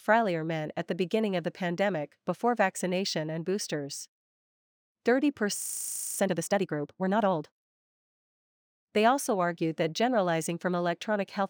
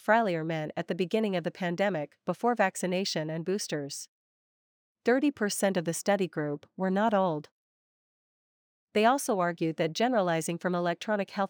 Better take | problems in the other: second | audio freezing; at 5.5 s for 0.5 s

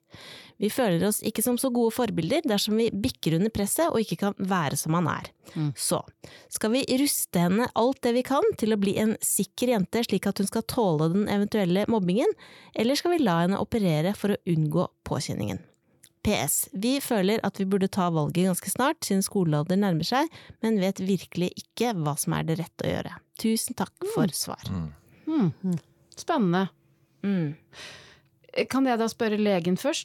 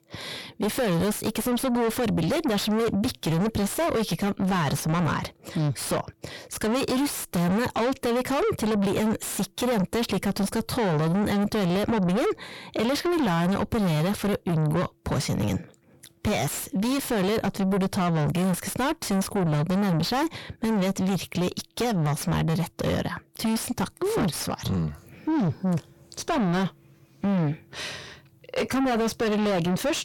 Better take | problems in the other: first | distortion; heavy; 5 dB below the speech

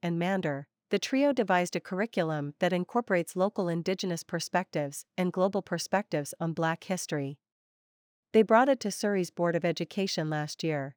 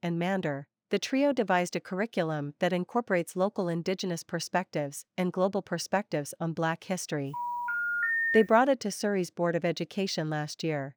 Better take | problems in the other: first | phone ringing; loud; from 7.5 to 8.5 s; peak 4 dB above the speech

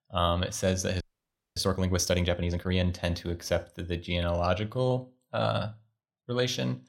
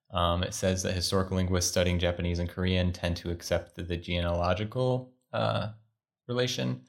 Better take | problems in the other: second | audio freezing; at 1 s for 0.5 s

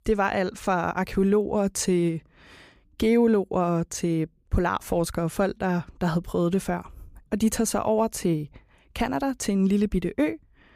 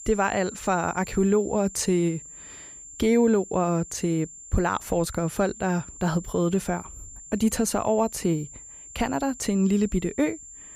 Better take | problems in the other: first | high-pitched whine; noticeable; throughout; 7.5 kHz, 15 dB below the speech

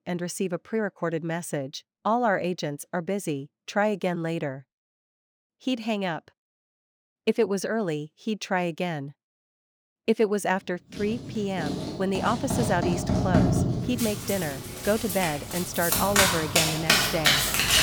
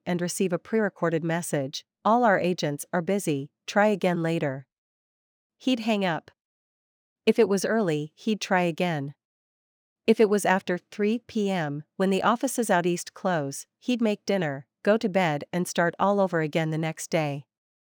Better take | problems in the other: second | household noises; very loud; from 11 s on; 3 dB above the speech

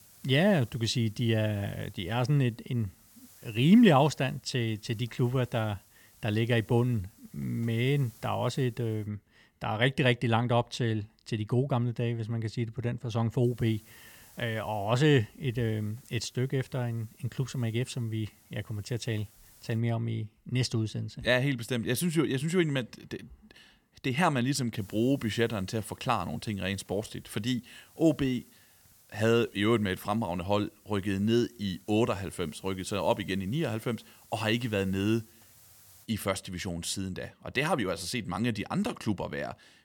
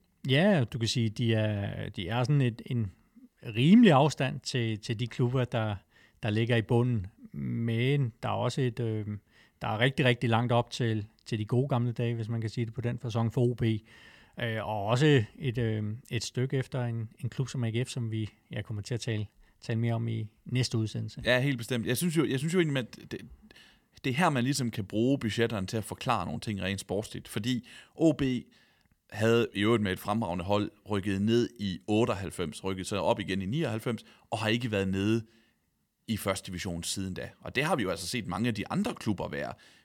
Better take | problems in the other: second | hiss; faint; until 9 s, from 13 to 20 s and from 25 to 36 s; 25 dB below the speech

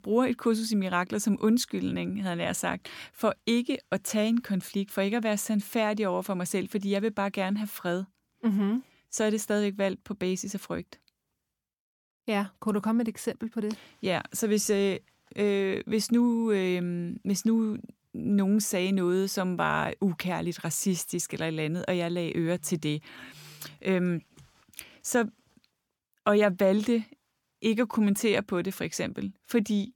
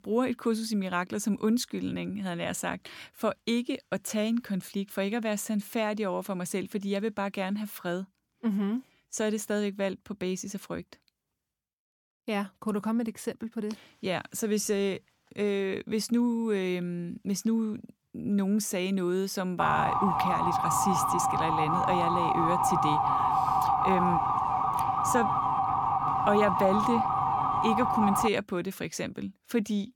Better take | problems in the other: first | siren; loud; from 20 to 28 s; peak 6 dB above the speech

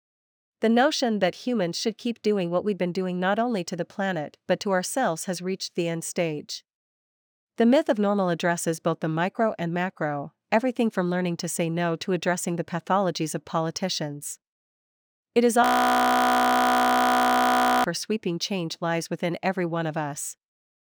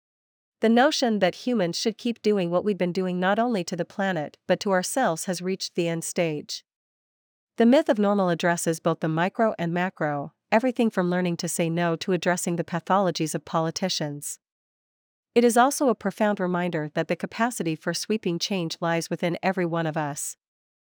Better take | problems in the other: second | audio freezing; at 16 s for 2 s

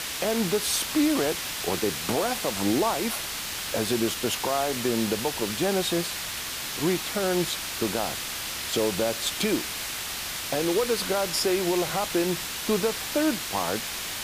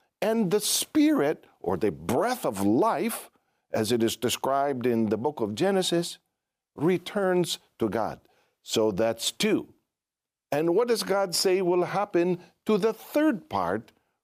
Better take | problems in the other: second | hiss; loud; throughout; 2 dB below the speech

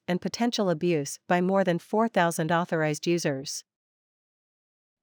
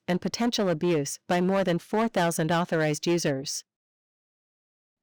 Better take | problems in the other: first | distortion; slight; 8% of the sound clipped

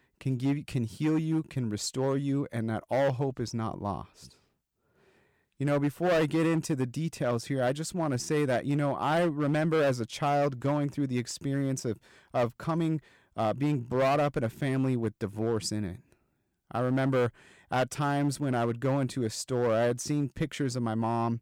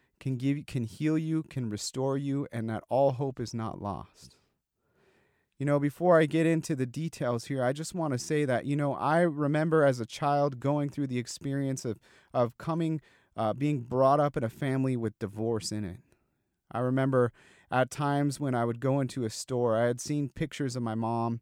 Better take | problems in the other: second | distortion; slight; 7% of the sound clipped

